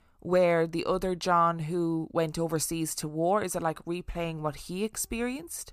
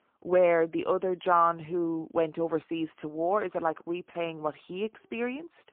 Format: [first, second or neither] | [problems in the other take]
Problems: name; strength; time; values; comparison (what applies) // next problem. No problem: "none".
first | phone-call audio; poor line